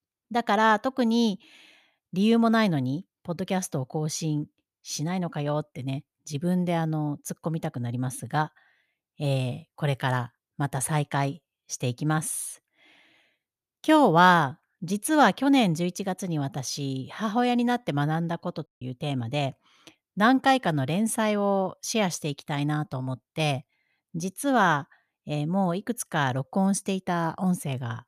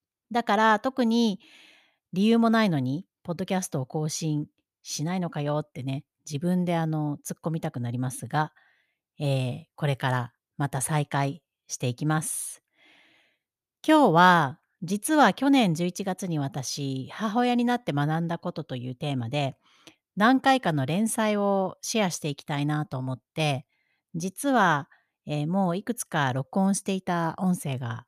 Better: second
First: audio cutting out; at 19 s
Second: none

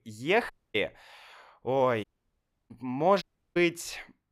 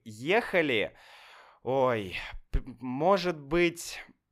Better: second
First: audio cutting out; at 0.5 s, at 2 s for 0.5 s and at 3 s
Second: none

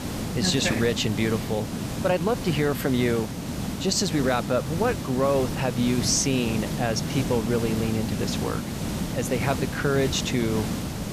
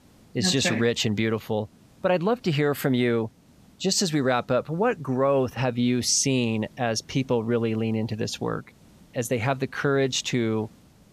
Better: second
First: hiss; loud; throughout; 5 dB below the speech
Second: hiss; faint; throughout; 30 dB below the speech

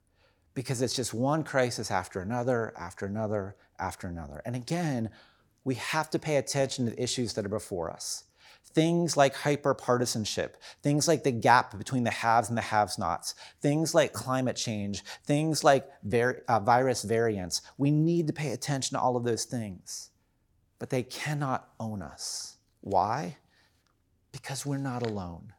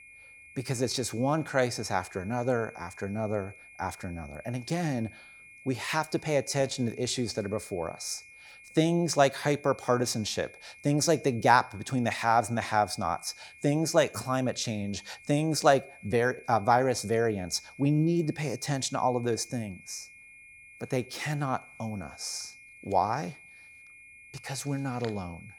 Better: first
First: none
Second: high-pitched whine; faint; throughout; 2.5 kHz, 20 dB below the speech

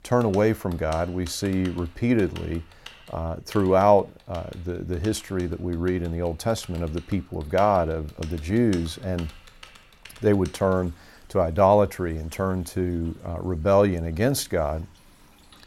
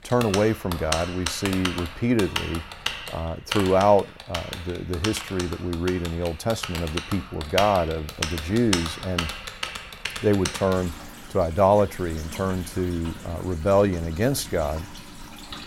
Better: first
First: household noises; faint; throughout; 25 dB below the speech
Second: household noises; loud; throughout; 8 dB below the speech

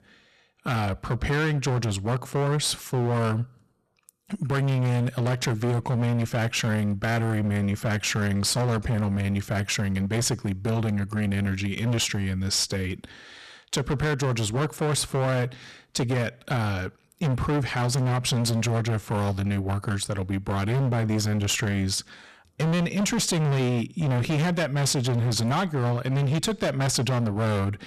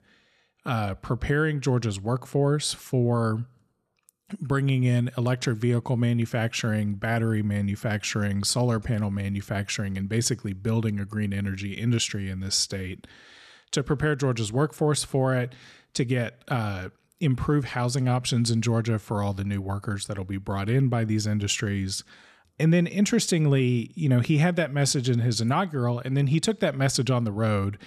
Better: second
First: distortion; heavy; 28% of the sound clipped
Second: none

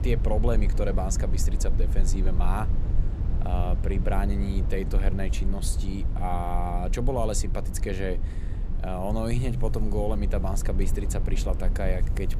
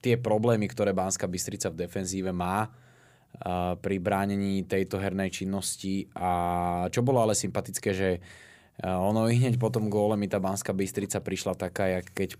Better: second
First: low rumble; noticeable; throughout; 10 dB below the speech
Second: none

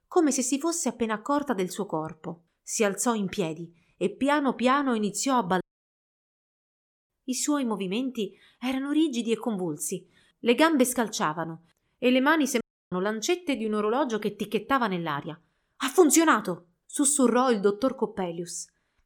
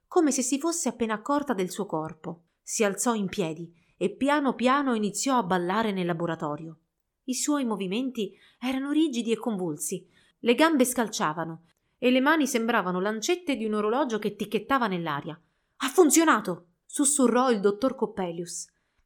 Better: second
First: audio cutting out; at 5.5 s for 1.5 s and at 13 s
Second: none

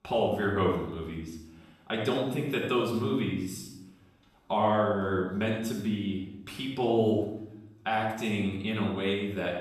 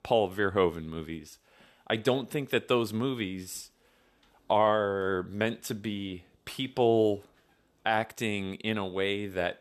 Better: second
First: off-mic speech; far // room echo; noticeable; dies away in 0.8 s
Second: none

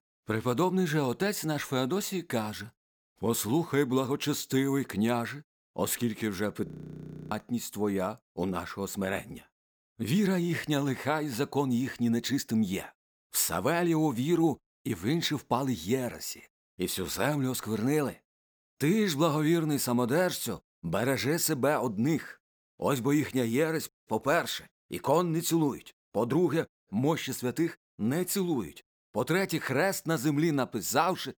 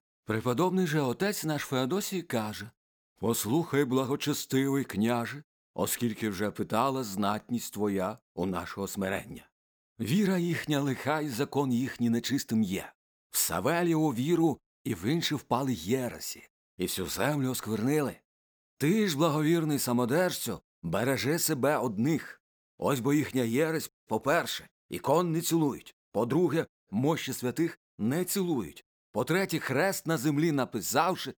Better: second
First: audio freezing; at 6.5 s for 0.5 s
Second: none

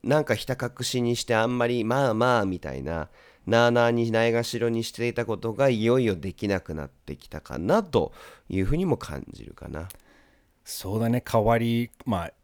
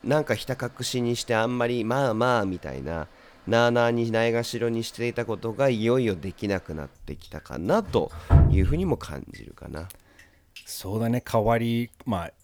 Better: first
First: none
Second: rain or running water; very loud; throughout; 2 dB above the speech

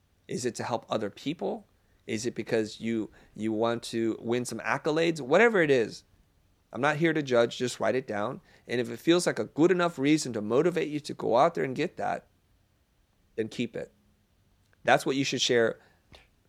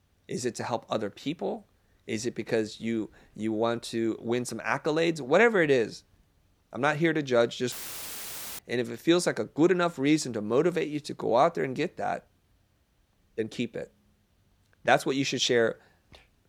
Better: first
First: none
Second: audio cutting out; filled with static; at 7.5 s for 1 s

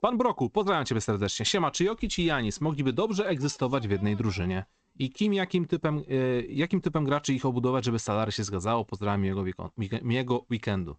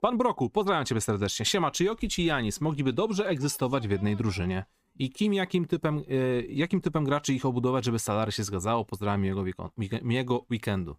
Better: second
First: garbled, watery; slightly; nothing above 7.5 kHz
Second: none

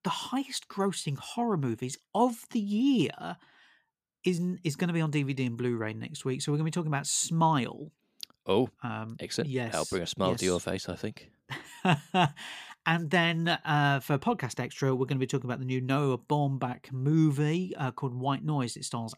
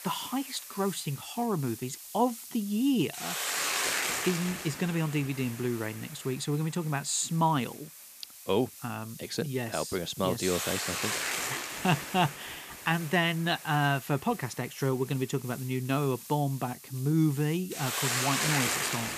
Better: first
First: none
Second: hiss; loud; throughout; 4 dB below the speech

